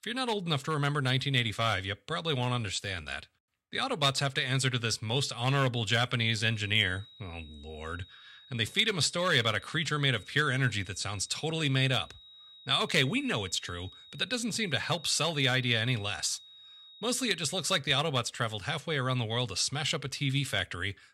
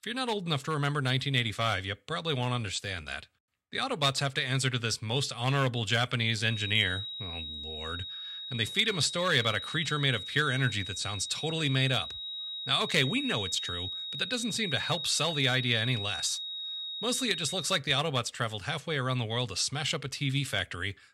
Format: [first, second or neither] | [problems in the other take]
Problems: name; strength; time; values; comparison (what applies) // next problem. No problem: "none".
first | high-pitched whine; loud; from 6.5 to 18 s; 4 kHz, 6 dB below the speech; faint in the first